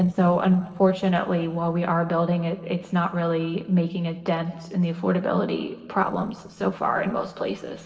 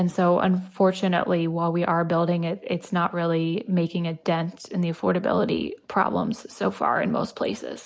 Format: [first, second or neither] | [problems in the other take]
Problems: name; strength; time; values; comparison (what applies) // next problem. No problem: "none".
second | noise reduction (neural separator model SepFormer DNS4)